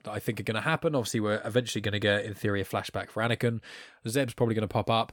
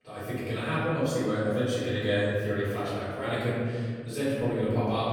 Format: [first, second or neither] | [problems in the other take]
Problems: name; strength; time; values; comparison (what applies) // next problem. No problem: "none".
first | off-mic speech; far // room echo; strong; dies away in 1.9 s